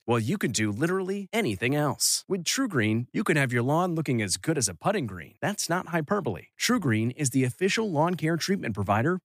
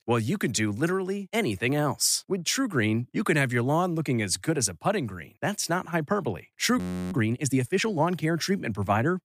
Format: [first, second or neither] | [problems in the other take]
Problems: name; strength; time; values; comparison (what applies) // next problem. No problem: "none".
first | audio freezing; at 7 s